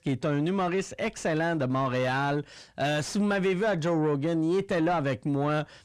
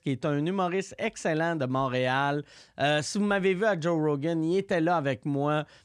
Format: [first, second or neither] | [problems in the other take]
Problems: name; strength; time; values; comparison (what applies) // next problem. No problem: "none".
second | distortion; slight; 10 dB below the speech